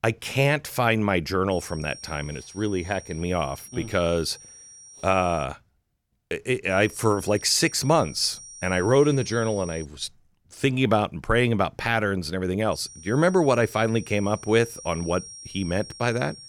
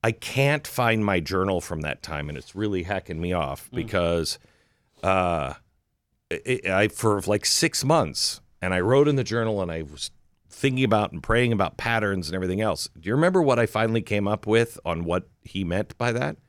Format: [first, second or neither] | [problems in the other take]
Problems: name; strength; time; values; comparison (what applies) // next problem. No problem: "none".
second | high-pitched whine; noticeable; from 1.5 to 5.5 s, from 6.5 to 10 s and from 13 s on; 5.5 kHz, 15 dB below the speech